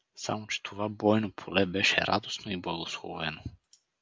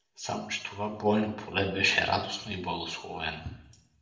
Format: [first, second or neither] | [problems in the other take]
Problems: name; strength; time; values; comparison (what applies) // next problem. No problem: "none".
first | room echo; dies away in 0.6 s